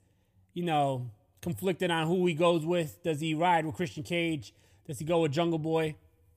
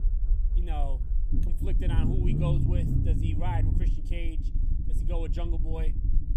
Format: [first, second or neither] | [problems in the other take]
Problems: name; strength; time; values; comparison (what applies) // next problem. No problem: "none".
first | low rumble; loud; throughout; 2 dB below the speech